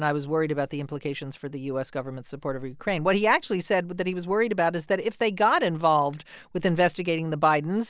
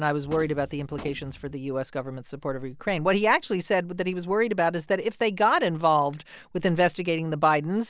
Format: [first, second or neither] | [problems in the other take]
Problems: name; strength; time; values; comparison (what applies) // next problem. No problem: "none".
first | background sound (Gunshot, gunfire); 17 dB below the speech